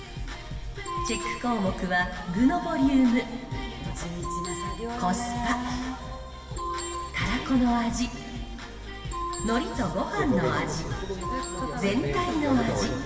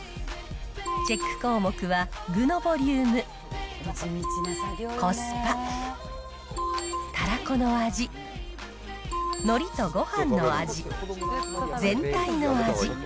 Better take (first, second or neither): second